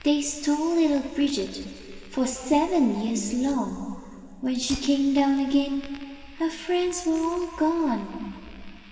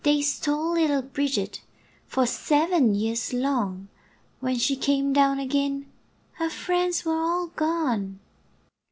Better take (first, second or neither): second